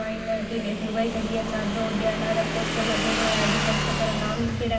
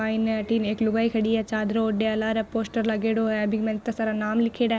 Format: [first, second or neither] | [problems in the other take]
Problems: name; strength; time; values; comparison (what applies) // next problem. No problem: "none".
second | background sound (Motorcycle / Engine); as loud as the speech // room echo; dies away in 2.3 s